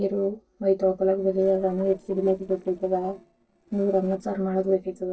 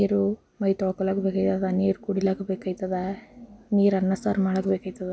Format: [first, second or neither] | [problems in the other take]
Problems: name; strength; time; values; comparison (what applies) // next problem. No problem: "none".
second | noise reduction (neural separator model SepFormer DNS4)